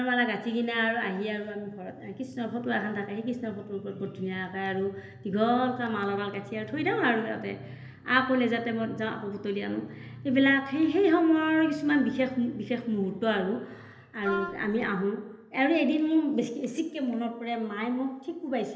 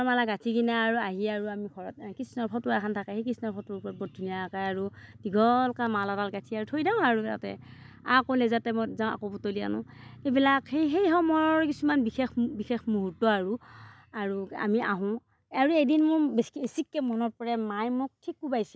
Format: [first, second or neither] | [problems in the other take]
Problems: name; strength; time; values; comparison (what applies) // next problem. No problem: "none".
second | background sound (Wind instrument, woodwind instrument); 10 dB below the speech // room echo; dies away in 1.4 s